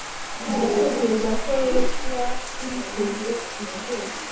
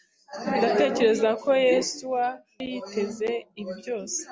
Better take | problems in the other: second | background sound (Bathtub (filling or washing)); 1 dB below the speech // room echo; dies away in 0.5 s

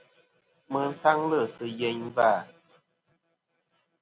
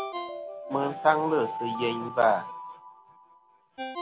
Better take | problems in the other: first | background sound (Alarm + Ringtone); 8 dB below the speech

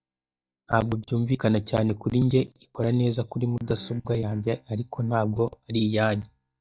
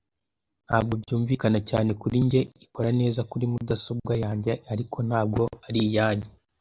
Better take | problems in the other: second | noise reduction (neural mask model DeepFilterNet 3)

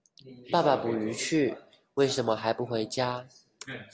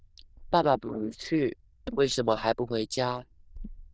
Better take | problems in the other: first | noise reduction (neural diffusion model UNIVERSE++)

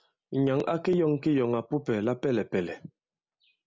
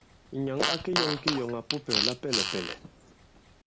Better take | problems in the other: first | background sound (Fart); 1 dB above the speech

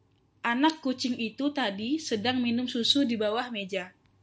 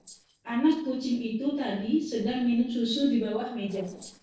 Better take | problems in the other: first | noise reduction (neural separator model SepFormer DNS4)

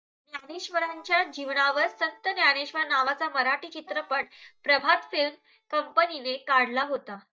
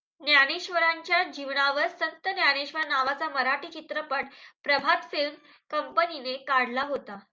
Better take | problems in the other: second | noise reduction (neural mask model DeepFilterNet 3)

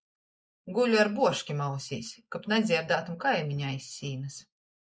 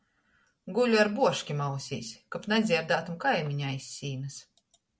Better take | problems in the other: second | noise reduction (neural mask model Resemble Enhance denoiser)

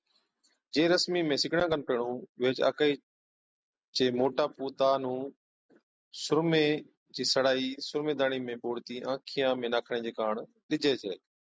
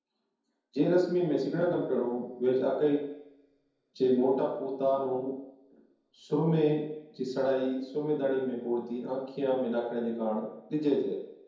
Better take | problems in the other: first | room echo; dies away in 0.9 s

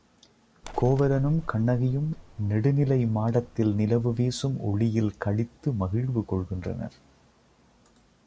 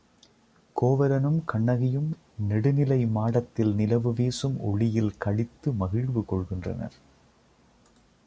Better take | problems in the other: second | background sound (Bird); 16 dB below the speech

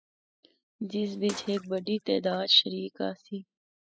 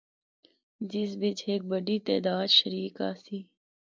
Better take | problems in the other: second | noise reduction (classical method spectral subtraction)

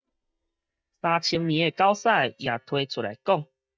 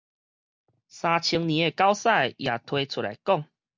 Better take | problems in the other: second | noise reduction (neural mask model DeepFilterNet 3)

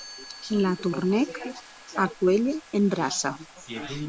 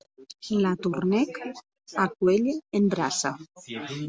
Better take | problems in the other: second | background sound (Chime + Bathtub (filling or washing)); 20 dB below the speech

